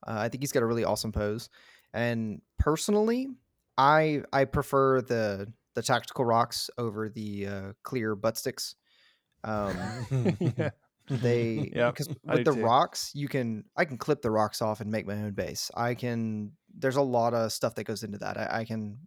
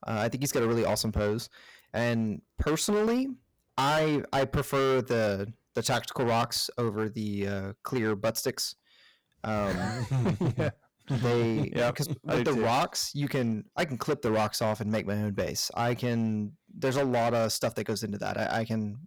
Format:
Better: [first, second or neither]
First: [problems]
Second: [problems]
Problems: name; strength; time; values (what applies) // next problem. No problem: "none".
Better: first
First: none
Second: distortion; heavy; 13% of the sound clipped